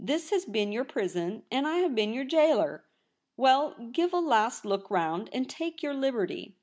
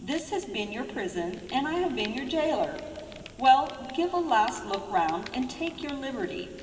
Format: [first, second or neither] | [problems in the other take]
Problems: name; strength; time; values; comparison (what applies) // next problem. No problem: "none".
first | background sound (Fire); 18 dB below the speech // room echo; dies away in 2.7 s